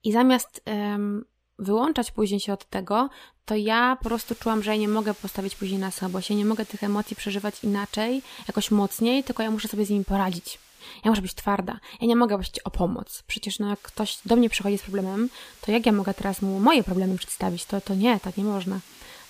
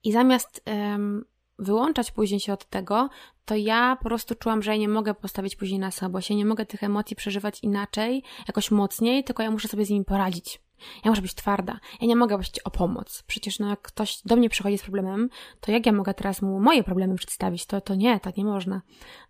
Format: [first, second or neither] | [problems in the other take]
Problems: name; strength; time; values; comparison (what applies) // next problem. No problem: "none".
second | hiss; faint; from 4 to 11 s and from 14 s on; 20 dB below the speech